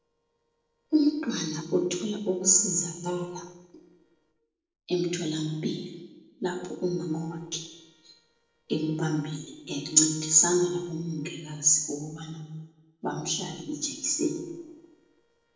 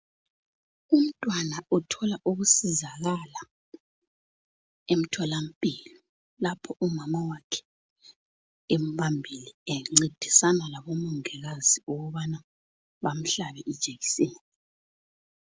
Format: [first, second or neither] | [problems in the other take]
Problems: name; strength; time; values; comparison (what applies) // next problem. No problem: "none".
second | noise reduction (neural separator model SepFormer DNS4)